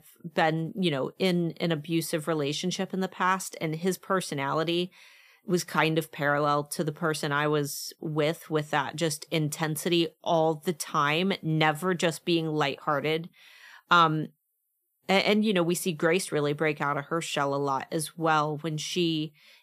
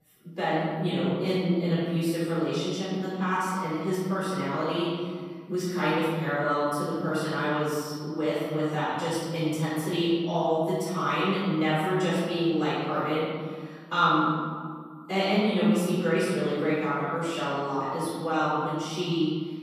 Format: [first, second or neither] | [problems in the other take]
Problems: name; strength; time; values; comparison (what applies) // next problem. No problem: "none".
first | off-mic speech; far // room echo; strong; dies away in 1.9 s